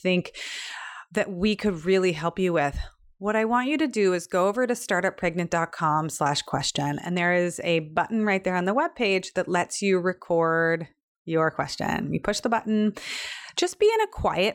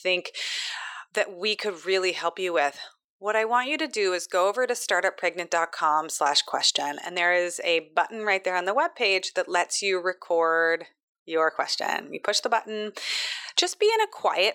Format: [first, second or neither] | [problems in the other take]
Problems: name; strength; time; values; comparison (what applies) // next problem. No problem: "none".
first | thin; very; fading below 400 Hz